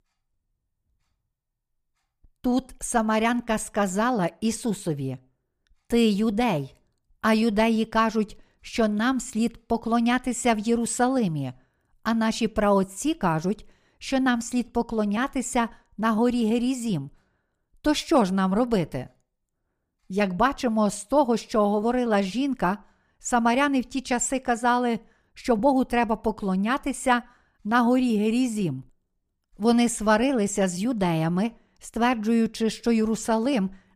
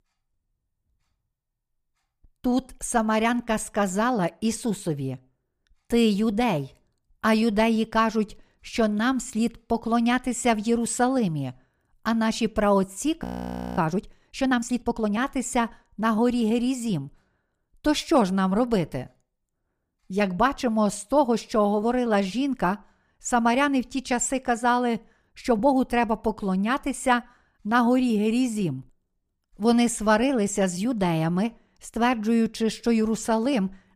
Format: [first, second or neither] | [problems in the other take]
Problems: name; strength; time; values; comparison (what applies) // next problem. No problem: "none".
first | audio freezing; at 13 s for 0.5 s